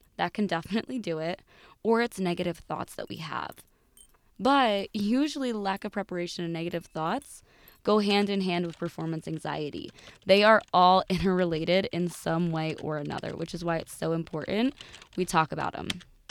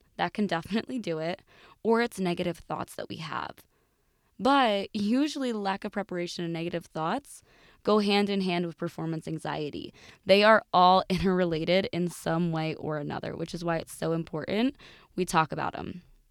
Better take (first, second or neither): second